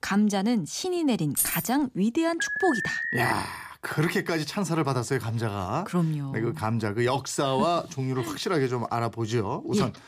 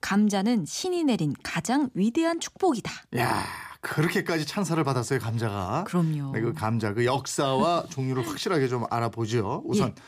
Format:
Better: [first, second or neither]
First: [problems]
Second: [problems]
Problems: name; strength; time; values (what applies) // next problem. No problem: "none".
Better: second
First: jangling keys; loud; at 1.5 s; peak 2 dB above the speech // alarm; noticeable; at 2.5 s; peak 1 dB below the speech // door banging; very faint; at 10 s; peak 15 dB below the speech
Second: none